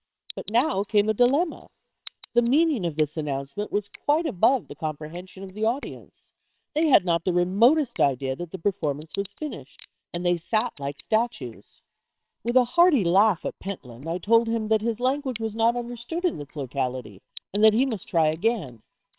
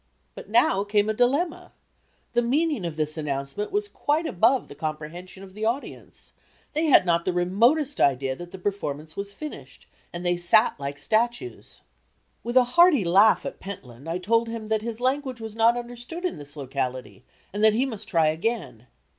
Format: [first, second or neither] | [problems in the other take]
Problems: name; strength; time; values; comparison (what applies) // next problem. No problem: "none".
second | noise reduction (neural separator model SepFormer WHAMR!)